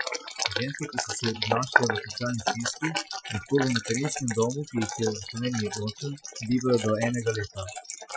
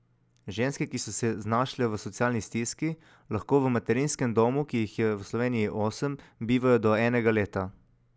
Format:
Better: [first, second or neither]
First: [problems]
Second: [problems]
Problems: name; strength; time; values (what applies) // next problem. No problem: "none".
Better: second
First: noise reduction (classical method Wiener filter)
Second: none